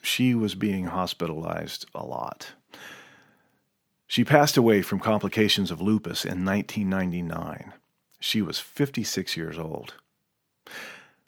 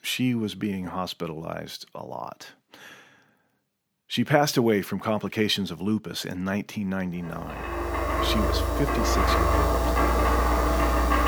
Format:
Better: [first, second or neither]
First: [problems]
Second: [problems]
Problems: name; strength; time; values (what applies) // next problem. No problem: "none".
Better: first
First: none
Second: household noises; very loud; from 7.5 s on; 4 dB above the speech